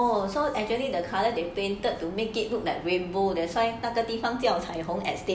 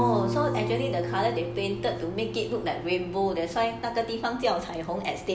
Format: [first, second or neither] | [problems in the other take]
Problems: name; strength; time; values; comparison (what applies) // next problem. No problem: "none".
first | background sound (Guitar); 6 dB below the speech